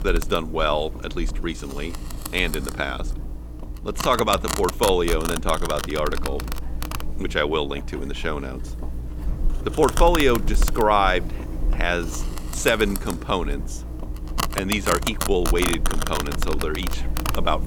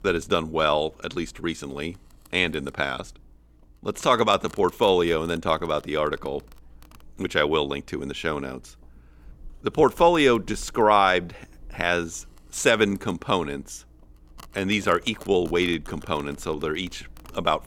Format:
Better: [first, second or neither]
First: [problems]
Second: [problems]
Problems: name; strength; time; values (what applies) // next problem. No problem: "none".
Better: second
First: household noises; loud; throughout; 5 dB below the speech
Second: household noises; faint; throughout; 25 dB below the speech